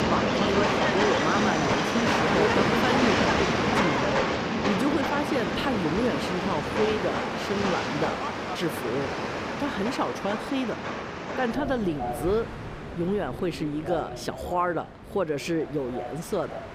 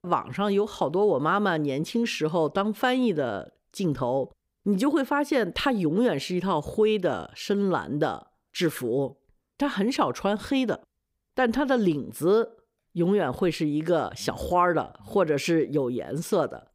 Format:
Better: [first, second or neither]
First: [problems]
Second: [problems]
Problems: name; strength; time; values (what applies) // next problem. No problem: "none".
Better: second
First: train or aircraft noise; very loud; throughout; 3 dB above the speech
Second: none